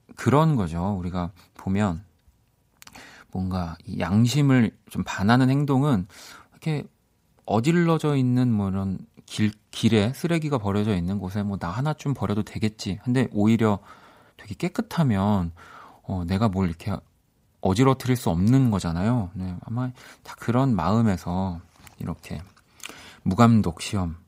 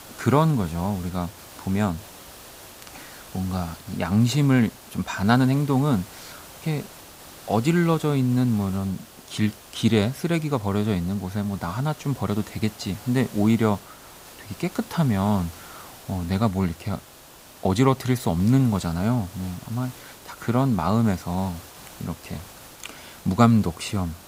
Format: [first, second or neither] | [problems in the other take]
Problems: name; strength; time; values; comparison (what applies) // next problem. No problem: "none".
first | hiss; noticeable; throughout; 20 dB below the speech